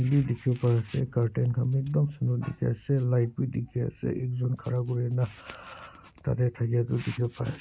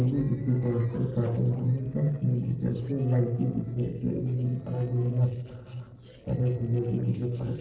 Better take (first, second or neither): first